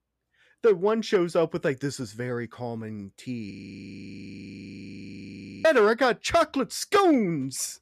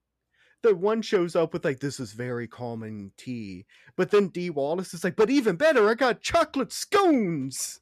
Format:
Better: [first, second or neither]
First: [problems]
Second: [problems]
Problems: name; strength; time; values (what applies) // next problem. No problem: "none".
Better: second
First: audio freezing; at 3.5 s for 2 s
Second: none